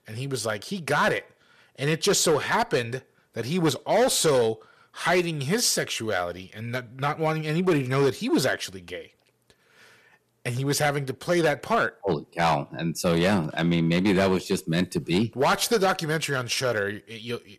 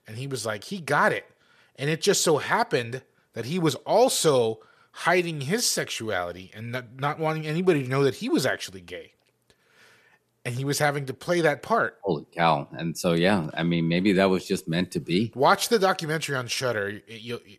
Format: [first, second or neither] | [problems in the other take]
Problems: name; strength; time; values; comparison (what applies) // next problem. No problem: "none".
second | distortion; slight; 5% of the sound clipped